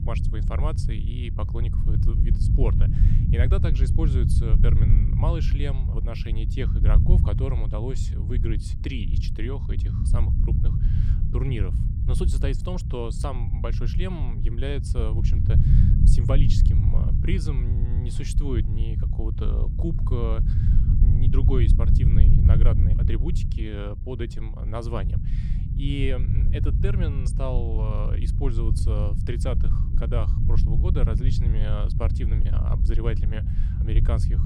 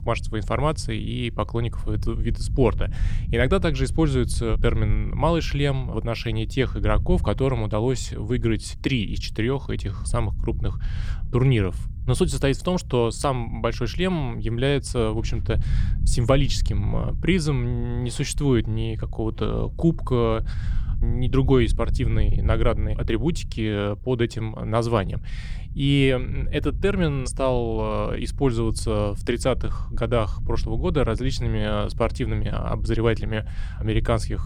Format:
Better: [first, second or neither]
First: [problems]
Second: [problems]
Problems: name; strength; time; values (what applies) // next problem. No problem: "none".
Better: second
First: low rumble; loud; throughout; 3 dB below the speech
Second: low rumble; faint; throughout; 20 dB below the speech